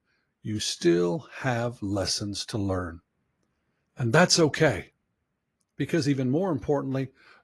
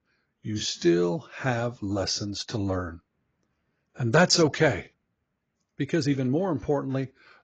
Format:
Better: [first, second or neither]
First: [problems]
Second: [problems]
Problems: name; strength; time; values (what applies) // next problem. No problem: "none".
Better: first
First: garbled, watery; slightly; nothing above 11 kHz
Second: garbled, watery; badly